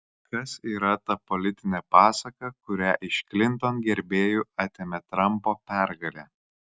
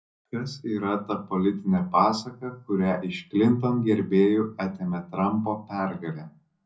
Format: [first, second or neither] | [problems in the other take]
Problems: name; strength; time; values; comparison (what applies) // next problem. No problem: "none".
first | room echo; dies away in 0.4 s